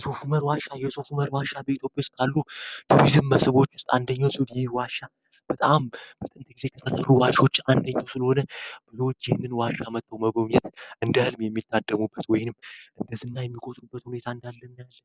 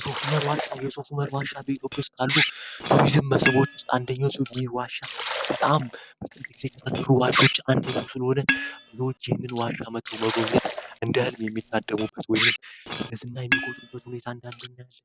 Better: first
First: none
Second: background sound (Liquid); 5 dB below the speech

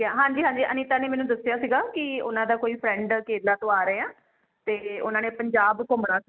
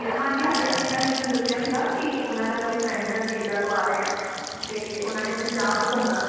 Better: first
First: none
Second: background sound (Trickle, dribble / Bathtub (filling or washing) / Sink (filling or washing) / Gurgling / Splash, splatter); 9 dB below the speech // room echo; dies away in 2.1 s

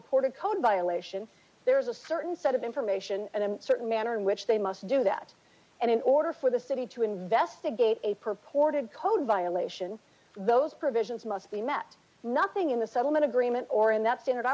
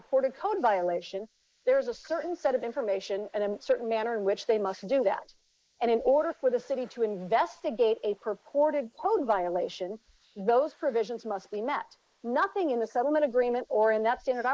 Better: first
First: none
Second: noise reduction (neural mask model Resemble Enhance denoiser)

